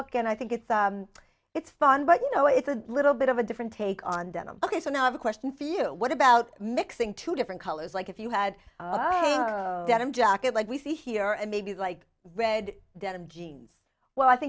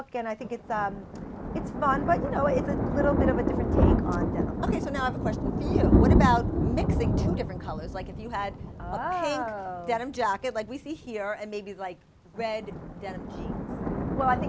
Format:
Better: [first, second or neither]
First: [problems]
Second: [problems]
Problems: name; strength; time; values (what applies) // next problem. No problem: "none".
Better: first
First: none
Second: background sound (Thunder); 3 dB above the speech